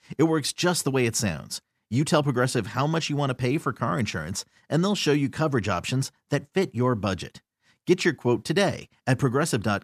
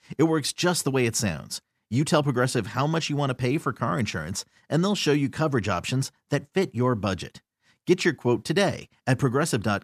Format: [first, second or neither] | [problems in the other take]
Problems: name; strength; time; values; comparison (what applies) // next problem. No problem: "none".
neither | none